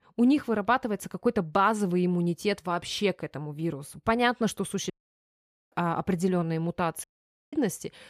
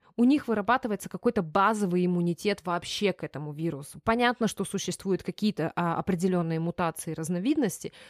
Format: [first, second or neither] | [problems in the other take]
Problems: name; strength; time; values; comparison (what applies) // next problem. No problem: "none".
second | audio cutting out; at 5 s for 1 s and at 7 s